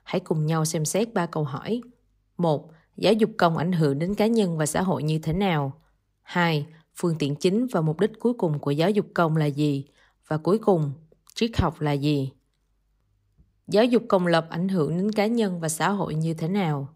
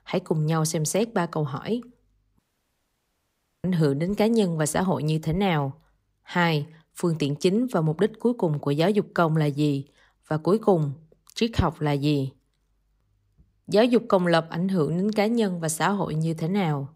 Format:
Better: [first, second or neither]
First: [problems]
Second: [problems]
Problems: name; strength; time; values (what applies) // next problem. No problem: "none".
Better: first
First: none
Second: audio cutting out; at 2.5 s for 1.5 s